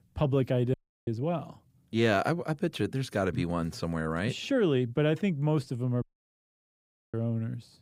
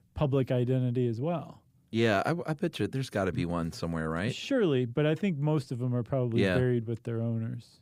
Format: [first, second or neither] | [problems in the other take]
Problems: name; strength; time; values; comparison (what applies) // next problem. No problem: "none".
second | audio cutting out; at 0.5 s and at 6 s for 1 s